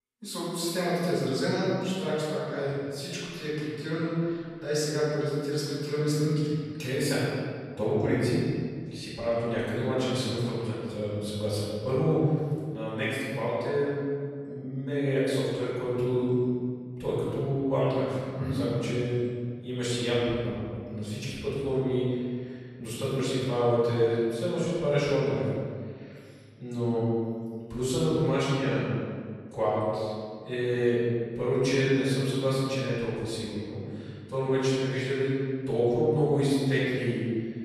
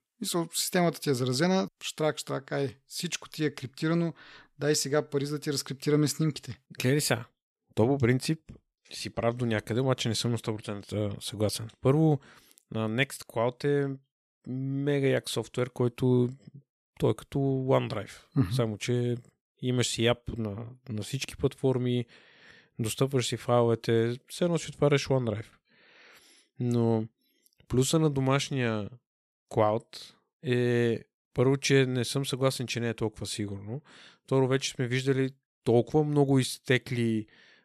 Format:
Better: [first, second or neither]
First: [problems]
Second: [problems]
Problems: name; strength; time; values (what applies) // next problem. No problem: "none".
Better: second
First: off-mic speech; far // room echo; strong; dies away in 1.8 s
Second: none